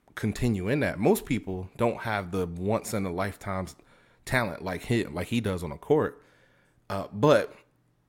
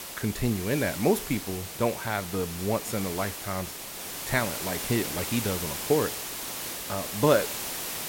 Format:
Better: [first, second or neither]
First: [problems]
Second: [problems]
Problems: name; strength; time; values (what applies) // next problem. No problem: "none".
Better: first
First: none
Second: hiss; loud; throughout; 4 dB below the speech